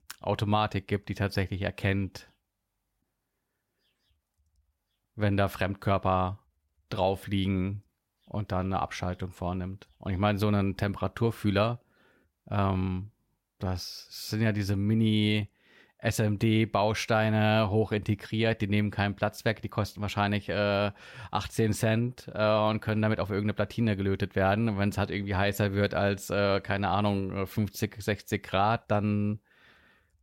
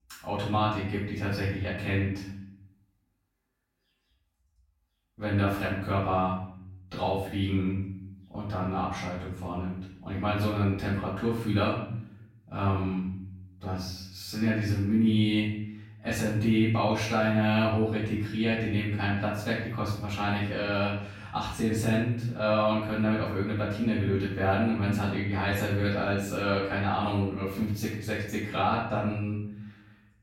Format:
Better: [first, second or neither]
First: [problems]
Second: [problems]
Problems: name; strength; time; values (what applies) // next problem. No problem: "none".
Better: first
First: none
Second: off-mic speech; far // room echo; noticeable; dies away in 0.7 s